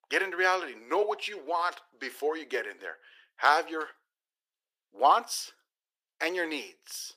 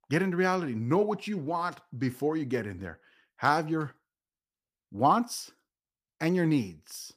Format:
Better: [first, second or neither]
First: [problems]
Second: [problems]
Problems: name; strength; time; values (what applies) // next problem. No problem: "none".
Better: second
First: thin; very; fading below 400 Hz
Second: none